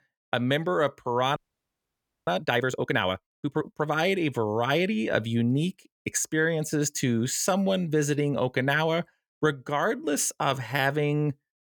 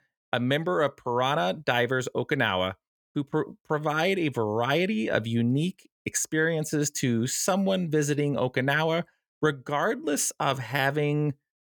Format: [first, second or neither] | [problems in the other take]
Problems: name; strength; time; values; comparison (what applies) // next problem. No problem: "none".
second | audio freezing; at 1.5 s for 1 s